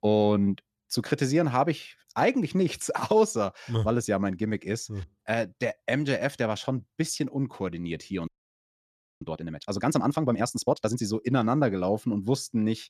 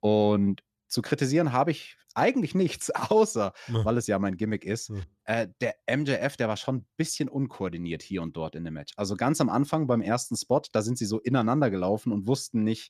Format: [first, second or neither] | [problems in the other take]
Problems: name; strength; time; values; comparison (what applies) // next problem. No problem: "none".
second | audio freezing; at 8.5 s for 1 s